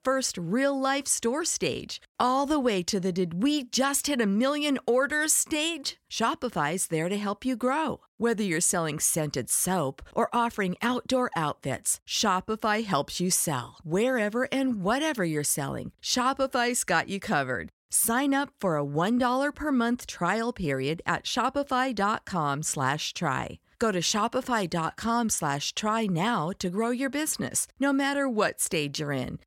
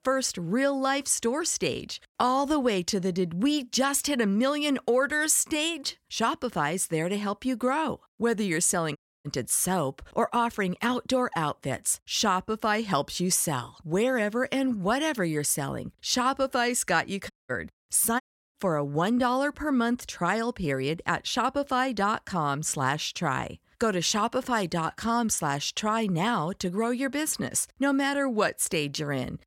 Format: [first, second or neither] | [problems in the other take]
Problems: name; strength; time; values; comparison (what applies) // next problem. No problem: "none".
first | audio cutting out; at 9 s, at 17 s and at 18 s